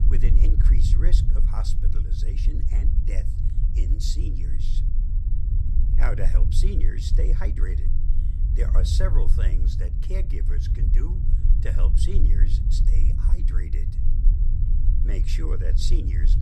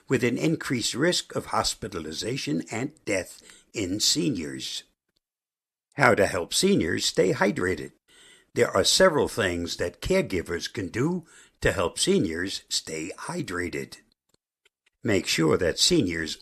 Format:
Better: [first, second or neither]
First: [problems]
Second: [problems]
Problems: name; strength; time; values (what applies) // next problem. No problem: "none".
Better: second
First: low rumble; loud; throughout; 4 dB below the speech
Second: none